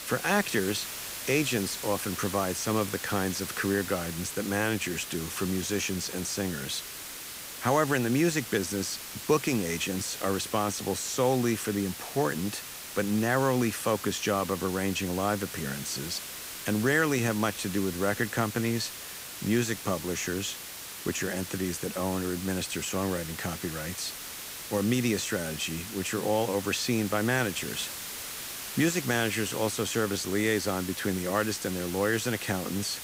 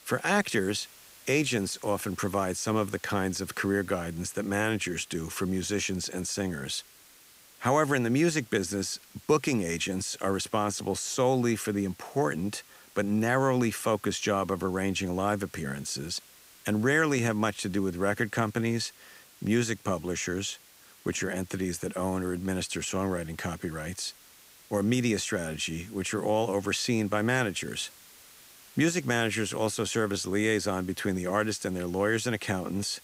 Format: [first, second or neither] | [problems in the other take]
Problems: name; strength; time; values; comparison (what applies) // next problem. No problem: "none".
second | hiss; loud; throughout; 8 dB below the speech; faint in the second